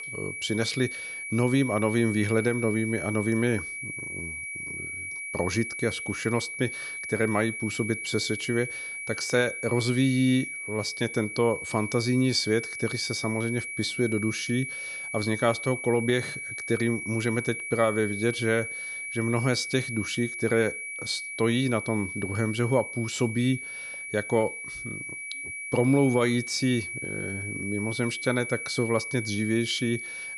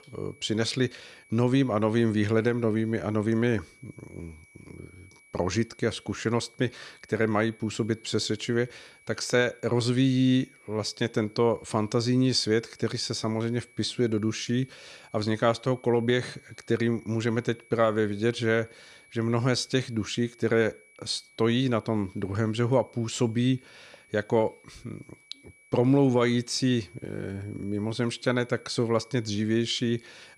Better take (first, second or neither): second